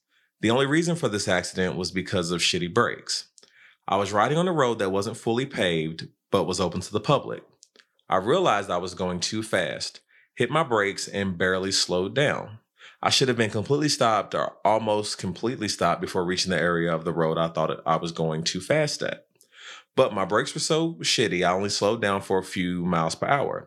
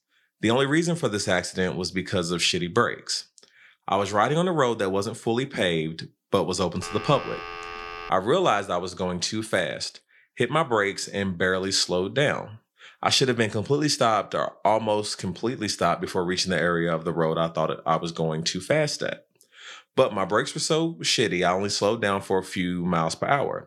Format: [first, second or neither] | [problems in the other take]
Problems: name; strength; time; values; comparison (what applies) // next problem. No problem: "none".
first | phone ringing; faint; from 7 to 8 s; peak 10 dB below the speech